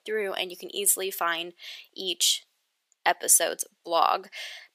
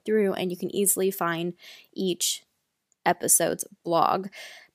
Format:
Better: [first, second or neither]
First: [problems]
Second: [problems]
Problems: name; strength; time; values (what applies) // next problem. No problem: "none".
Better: second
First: thin; very; fading below 550 Hz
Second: none